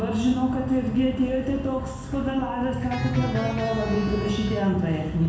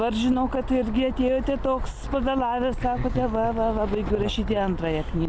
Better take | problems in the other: second | background sound (Electric guitar); 13 dB below the speech // room echo; dies away in 1 s

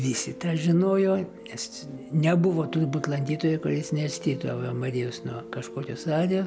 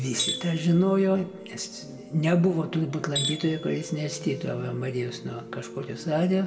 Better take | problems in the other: first | background sound (Tools); 12 dB below the speech // room echo; dies away in 1.1 s

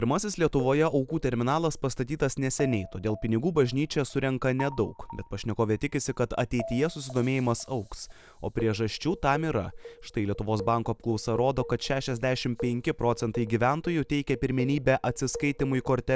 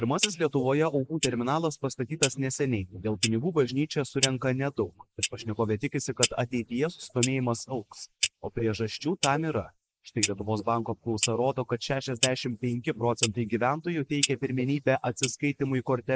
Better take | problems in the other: first | noise reduction (neural mask model Resemble Enhance denoiser)

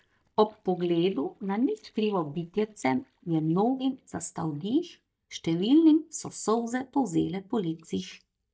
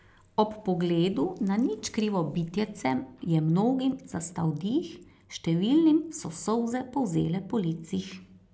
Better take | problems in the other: second | noise reduction (neural mask model DeepFilterNet 3)

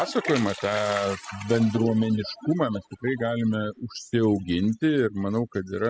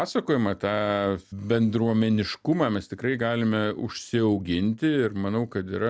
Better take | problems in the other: second | noise reduction (classical method spectral subtraction)

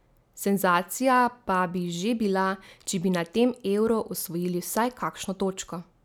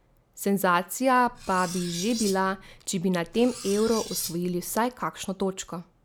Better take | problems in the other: first | background sound (Cutlery, silverware); 12 dB below the speech

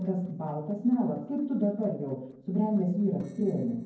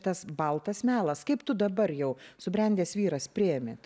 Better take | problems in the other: second | noise reduction (neural separator model SepFormer DNS4)

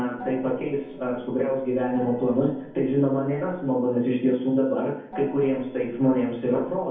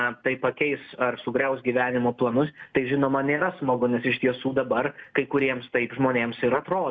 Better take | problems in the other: second | background sound (Gong); 19 dB below the speech // room echo; dies away in 0.7 s

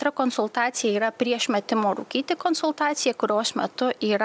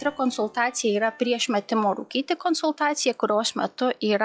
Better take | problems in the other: first | noise reduction (classical method log-MMSE)

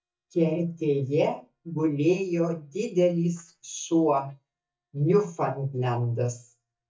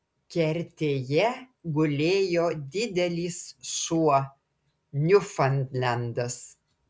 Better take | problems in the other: second | noise reduction (neural mask model DeepFilterNet 3)

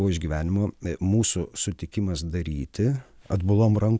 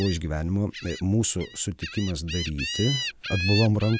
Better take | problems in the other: first | background sound (Gull, seagull); 9 dB below the speech

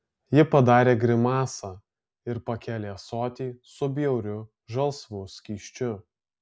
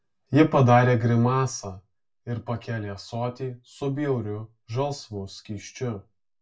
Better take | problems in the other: first | room echo; dies away in 0.1 s

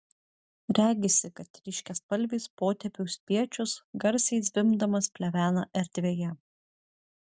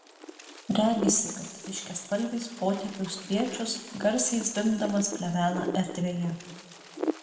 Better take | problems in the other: first | background sound (Wind); 9 dB below the speech // room echo; dies away in 1.2 s

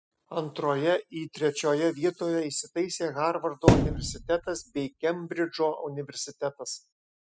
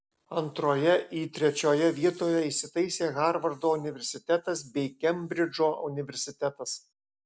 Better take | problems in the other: second | noise reduction (classical method spectral subtraction)

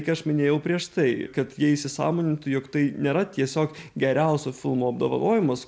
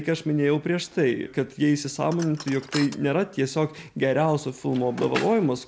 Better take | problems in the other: first | background sound (Drawer open or close); 16 dB below the speech

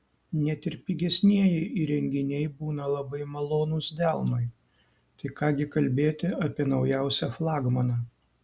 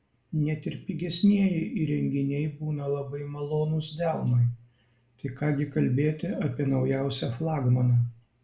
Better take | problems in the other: first | room echo; dies away in 0.4 s

